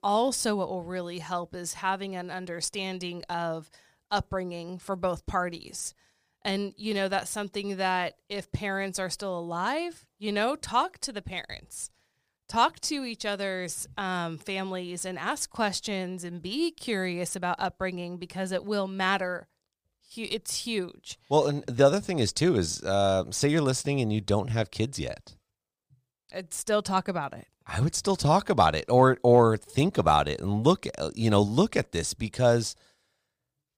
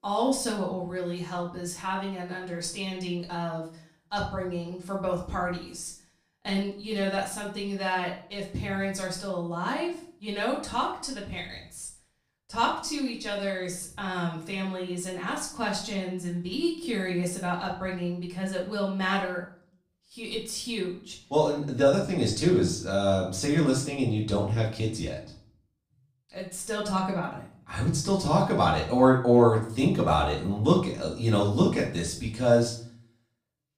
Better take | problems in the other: first | off-mic speech; far // room echo; slight; dies away in 0.4 s

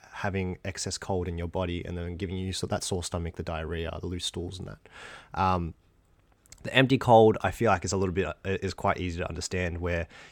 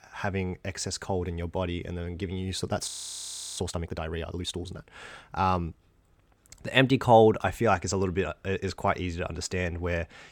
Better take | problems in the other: first | audio freezing; at 3 s for 0.5 s

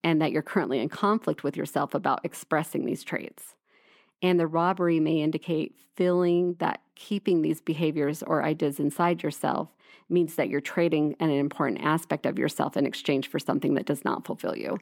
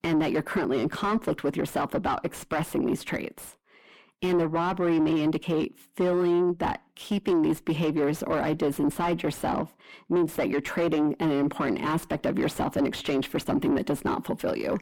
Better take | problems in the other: first | distortion; heavy; 7 dB below the speech

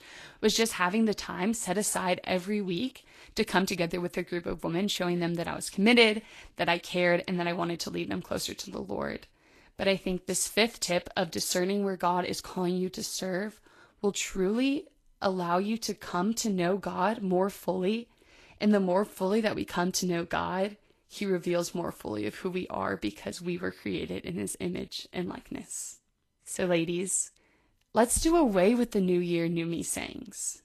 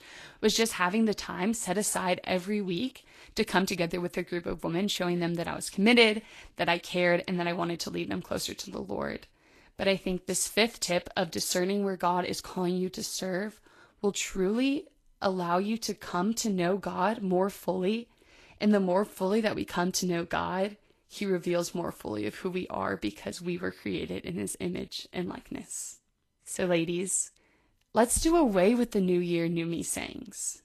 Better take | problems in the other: neither | garbled, watery; slightly; nothing above 12.5 kHz; the same in both

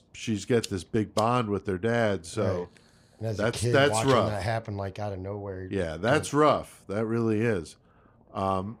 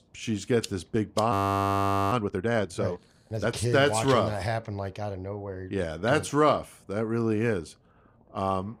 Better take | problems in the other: first | audio freezing; at 1.5 s for 1 s

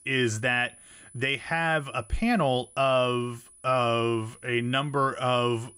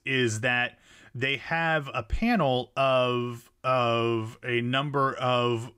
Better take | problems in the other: second | high-pitched whine; faint; throughout; 10 kHz, 25 dB below the speech

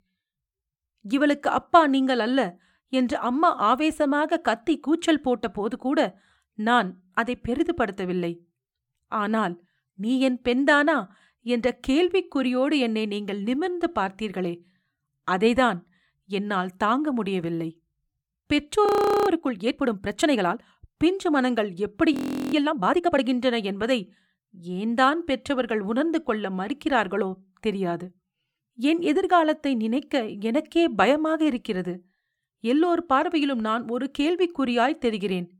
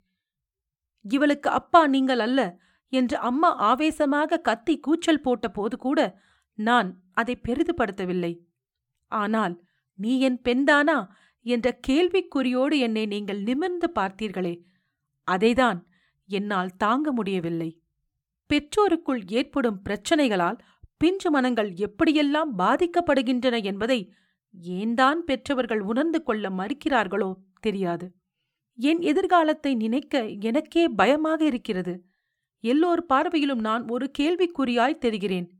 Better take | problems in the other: second | audio freezing; at 19 s and at 22 s

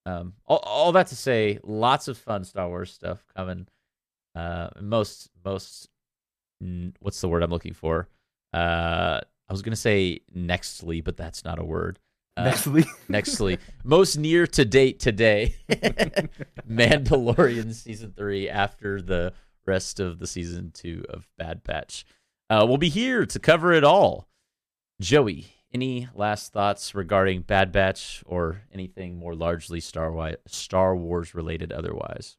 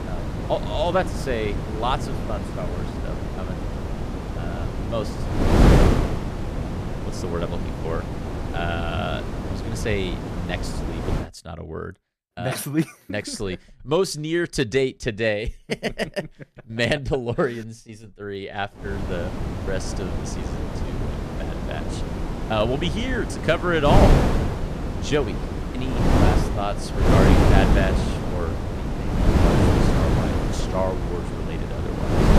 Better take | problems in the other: first | wind noise on the microphone; heavy; until 11 s and from 19 s on; 2 dB below the speech

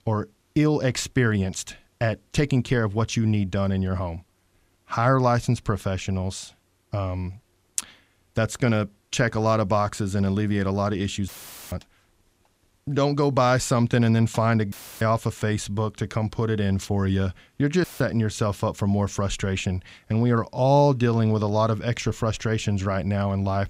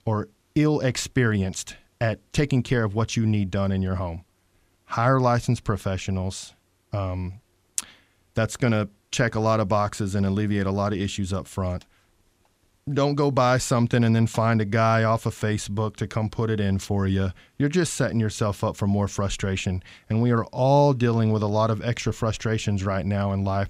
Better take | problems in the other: second | audio cutting out; filled with static; at 11 s, at 15 s and at 18 s

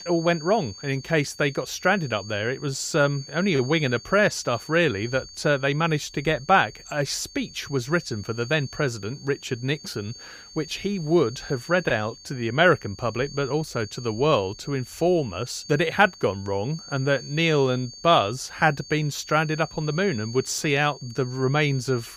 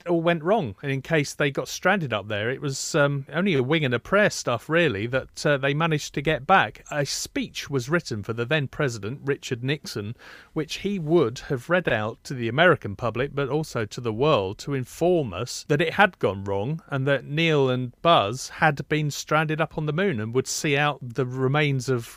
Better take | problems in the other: second | high-pitched whine; noticeable; throughout; 4.5 kHz, 15 dB below the speech

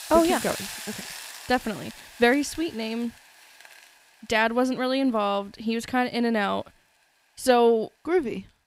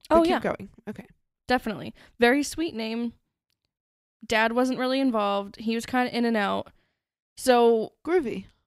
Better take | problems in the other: second | hiss; noticeable; throughout; 15 dB below the speech

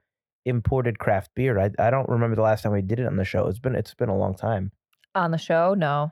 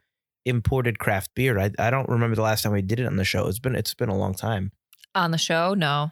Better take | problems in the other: second | muffled; very; fading above 2.5 kHz

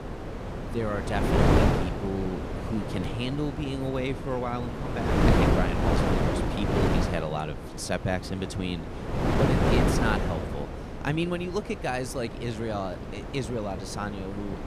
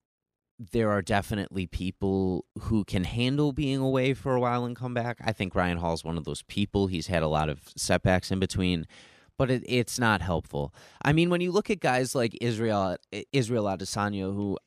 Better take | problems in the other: second | wind noise on the microphone; heavy; 2 dB above the speech

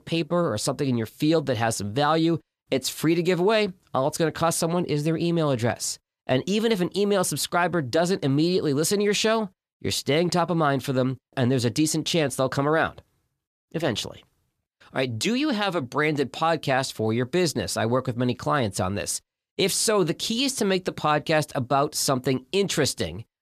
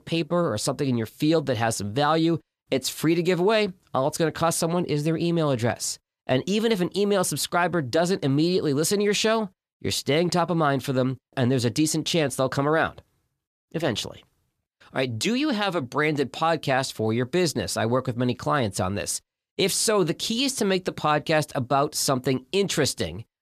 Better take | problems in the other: neither | none

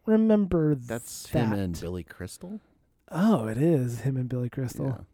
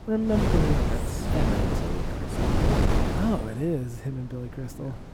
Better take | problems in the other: first | wind noise on the microphone; heavy; 3 dB above the speech

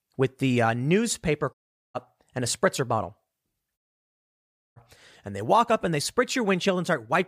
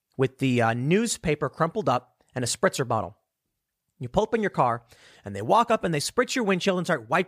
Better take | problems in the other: second | audio cutting out; at 1.5 s and at 4 s for 1 s

